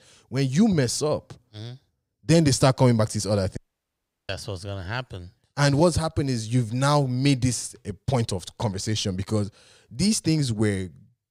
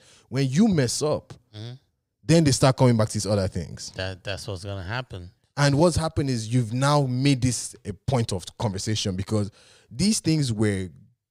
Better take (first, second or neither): second